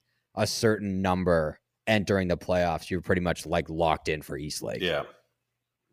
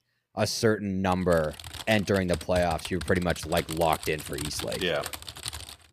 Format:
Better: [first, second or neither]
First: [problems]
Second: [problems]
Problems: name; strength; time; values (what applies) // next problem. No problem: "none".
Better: first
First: none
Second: keyboard typing; noticeable; from 1 s on; peak 7 dB below the speech